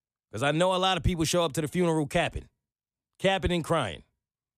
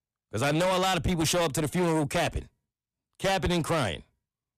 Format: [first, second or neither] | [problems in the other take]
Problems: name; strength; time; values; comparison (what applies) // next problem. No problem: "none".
first | distortion; heavy; 18% of the sound clipped